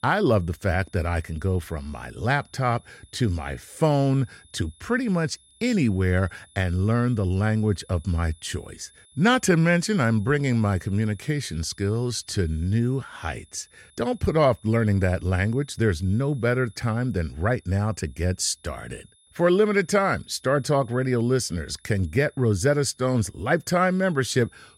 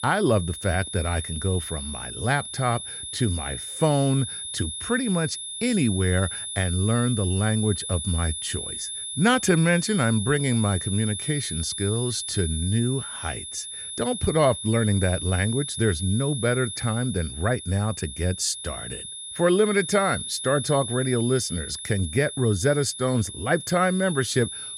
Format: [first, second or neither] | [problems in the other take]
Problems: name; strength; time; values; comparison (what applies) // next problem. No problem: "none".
first | high-pitched whine; loud; throughout; 10 kHz, 7 dB below the speech; faint in the first